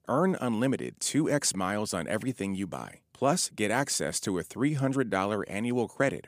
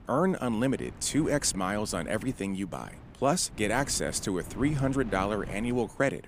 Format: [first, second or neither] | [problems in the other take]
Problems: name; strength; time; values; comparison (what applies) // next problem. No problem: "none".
first | wind noise on the microphone; occasional gusts; 20 dB below the speech